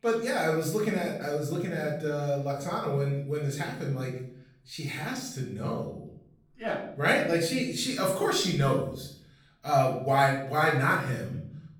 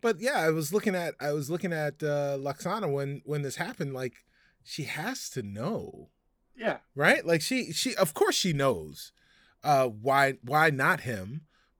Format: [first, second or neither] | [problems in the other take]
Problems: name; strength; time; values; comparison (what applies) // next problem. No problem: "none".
second | off-mic speech; far // room echo; noticeable; dies away in 0.6 s